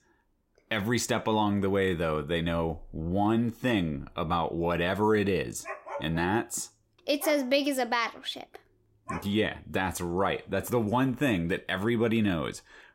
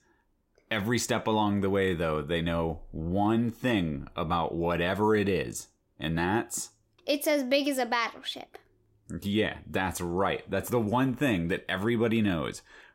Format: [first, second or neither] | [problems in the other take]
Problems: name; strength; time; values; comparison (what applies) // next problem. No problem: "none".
second | dog barking; noticeable; from 5.5 to 9.5 s; peak 10 dB below the speech